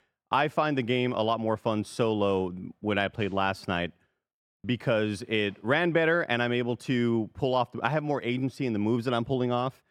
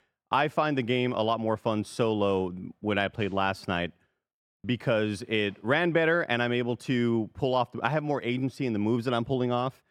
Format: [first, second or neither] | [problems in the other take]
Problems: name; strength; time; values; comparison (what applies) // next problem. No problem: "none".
neither | none